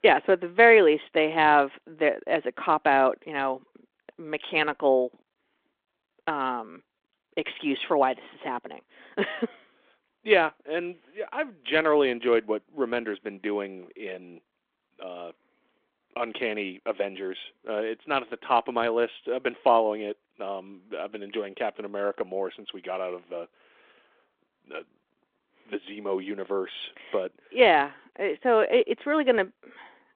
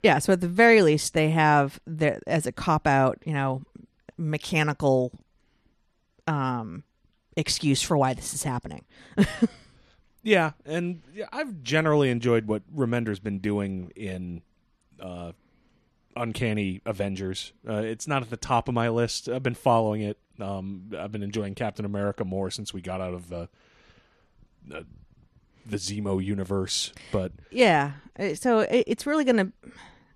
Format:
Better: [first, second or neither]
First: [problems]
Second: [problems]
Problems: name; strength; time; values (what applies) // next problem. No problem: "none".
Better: second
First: phone-call audio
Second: none